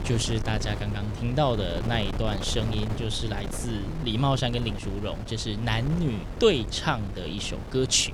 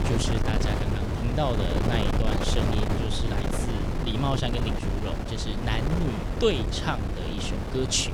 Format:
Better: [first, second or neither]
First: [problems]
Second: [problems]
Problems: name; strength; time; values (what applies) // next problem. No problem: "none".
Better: first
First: wind noise on the microphone; occasional gusts; 10 dB below the speech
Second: wind noise on the microphone; heavy; 2 dB below the speech